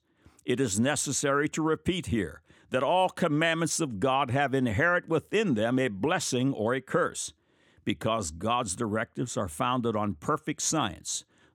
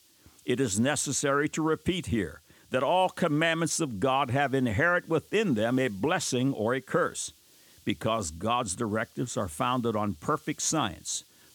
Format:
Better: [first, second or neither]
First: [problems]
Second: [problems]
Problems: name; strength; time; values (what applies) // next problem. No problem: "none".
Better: first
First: none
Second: hiss; faint; throughout; 30 dB below the speech